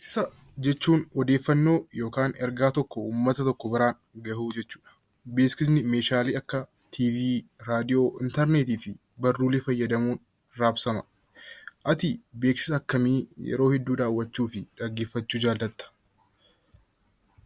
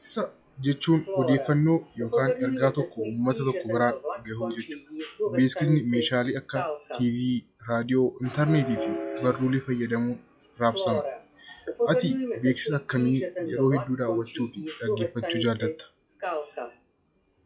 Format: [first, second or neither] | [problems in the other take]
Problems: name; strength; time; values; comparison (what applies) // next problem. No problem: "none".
first | noise reduction (classical method log-MMSE)